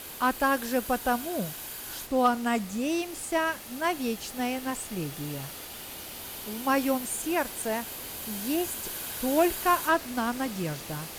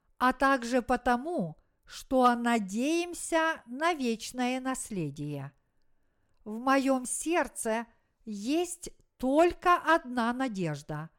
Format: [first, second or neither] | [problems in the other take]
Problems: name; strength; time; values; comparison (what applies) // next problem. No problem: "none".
second | hiss; loud; throughout; 8 dB below the speech